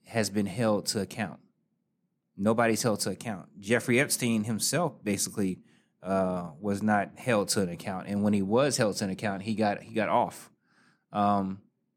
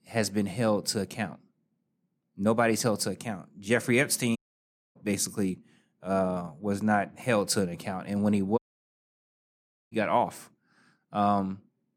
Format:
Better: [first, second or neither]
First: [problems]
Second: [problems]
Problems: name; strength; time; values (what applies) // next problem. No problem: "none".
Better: first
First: none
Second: audio cutting out; at 4.5 s for 0.5 s and at 8.5 s for 1.5 s